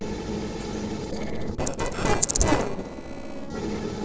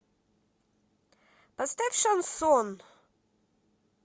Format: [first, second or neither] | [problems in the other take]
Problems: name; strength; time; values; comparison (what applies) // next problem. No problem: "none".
second | noise reduction (neural separator model SepFormer DNS4)